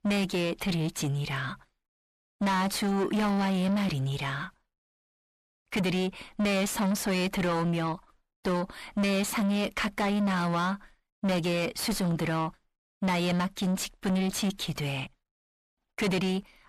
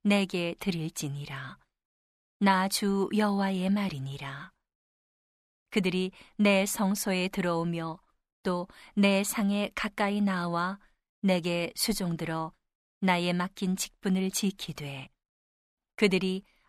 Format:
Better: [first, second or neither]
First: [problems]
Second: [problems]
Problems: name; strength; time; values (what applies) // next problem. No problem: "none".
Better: second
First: distortion; heavy; 6 dB below the speech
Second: none